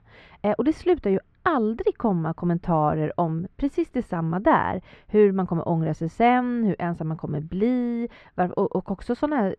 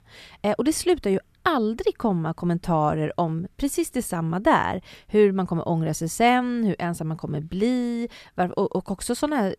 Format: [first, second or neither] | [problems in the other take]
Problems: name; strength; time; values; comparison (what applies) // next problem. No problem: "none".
second | muffled; very; fading above 2 kHz